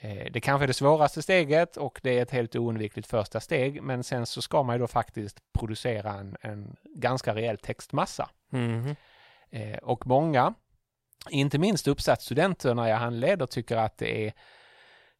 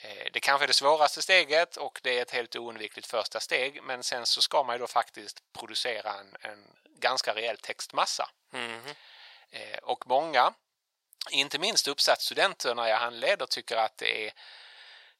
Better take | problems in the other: first | thin; very; fading below 750 Hz

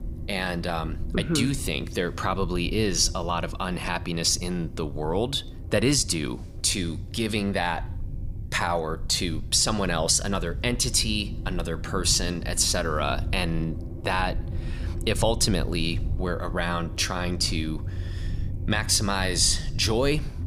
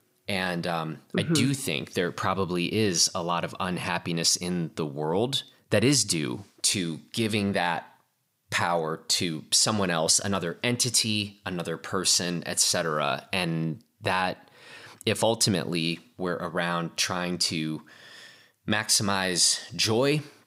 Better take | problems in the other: second | low rumble; faint; throughout; 20 dB below the speech

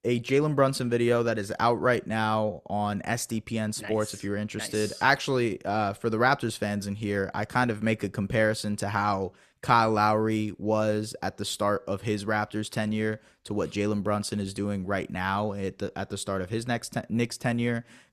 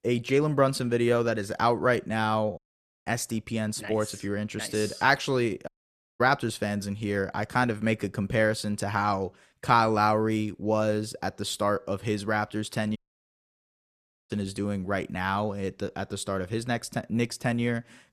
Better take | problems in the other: first | audio cutting out; at 2.5 s, at 5.5 s for 0.5 s and at 13 s for 1.5 s

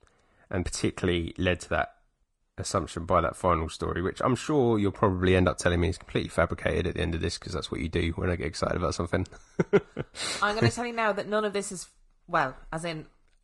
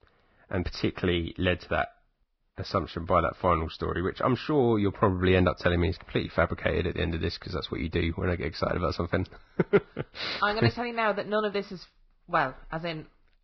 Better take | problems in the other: first | garbled, watery; badly; nothing above 5.5 kHz; slightly in the first

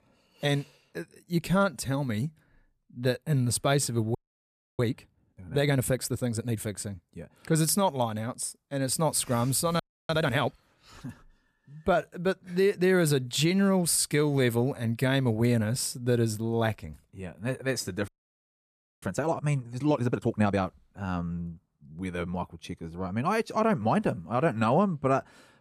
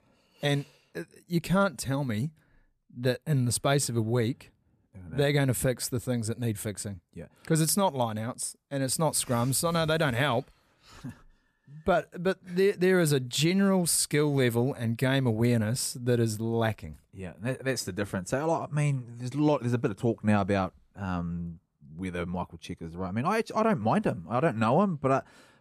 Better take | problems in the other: second | audio freezing; at 4 s for 0.5 s, at 10 s and at 18 s for 1 s

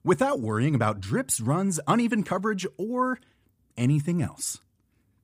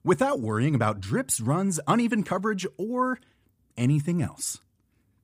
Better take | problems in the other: neither | none

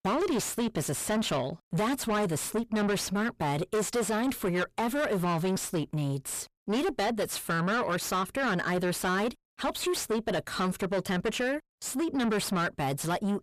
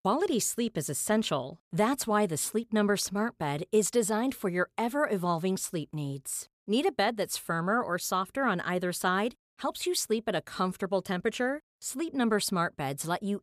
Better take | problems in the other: second | distortion; heavy; 6 dB below the speech

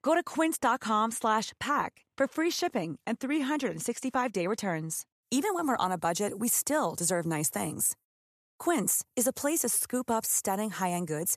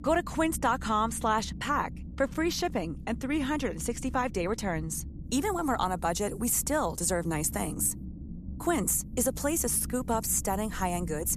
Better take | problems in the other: first | low rumble; faint; throughout; 20 dB below the speech

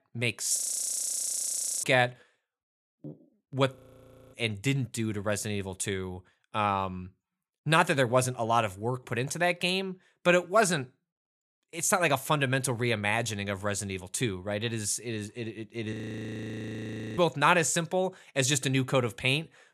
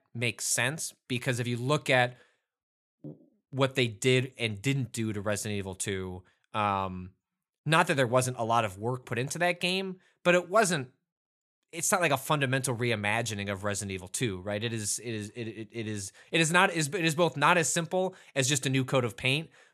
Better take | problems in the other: second | audio freezing; at 0.5 s for 1.5 s, at 4 s for 0.5 s and at 16 s for 1 s

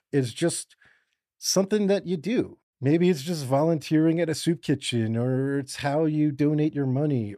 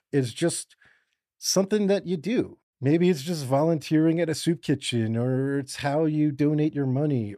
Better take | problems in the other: neither | none

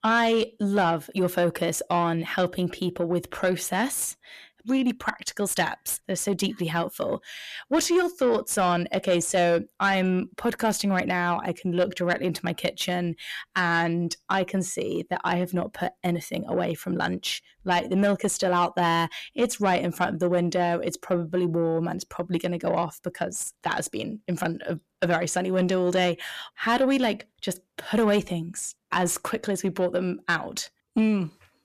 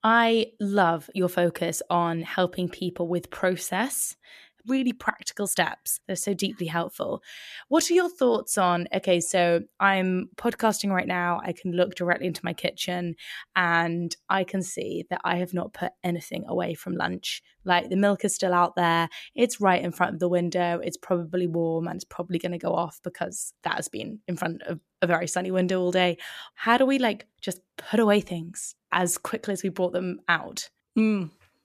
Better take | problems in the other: second | distortion; slight; 10 dB below the speech

